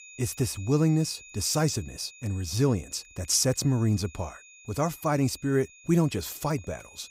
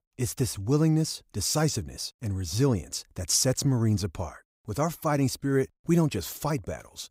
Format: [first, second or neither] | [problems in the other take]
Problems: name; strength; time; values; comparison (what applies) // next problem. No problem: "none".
second | high-pitched whine; faint; throughout; 2.5 kHz, 20 dB below the speech